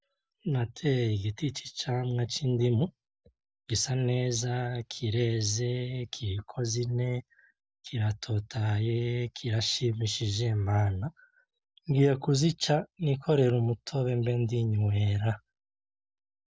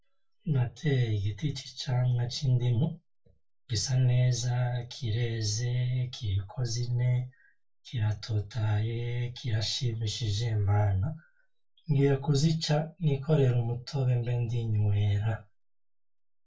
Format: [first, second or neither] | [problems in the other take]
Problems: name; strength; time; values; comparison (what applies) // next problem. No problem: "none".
first | room echo; dies away in 0.2 s